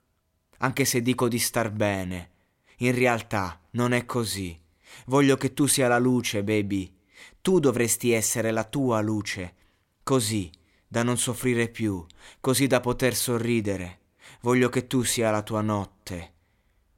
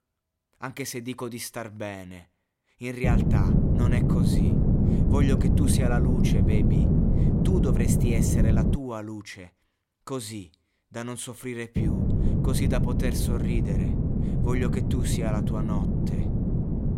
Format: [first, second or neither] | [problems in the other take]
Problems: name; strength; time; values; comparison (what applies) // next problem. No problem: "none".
first | wind noise on the microphone; heavy; from 3 to 9 s and from 12 s on; 2 dB above the speech